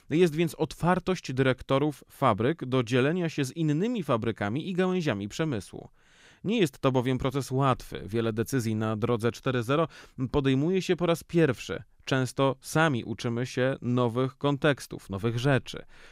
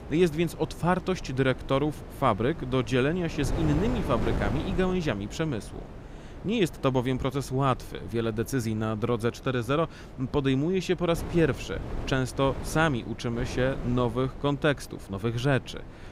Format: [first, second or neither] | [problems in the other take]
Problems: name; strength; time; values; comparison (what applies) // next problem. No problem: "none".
first | wind noise on the microphone; occasional gusts; 15 dB below the speech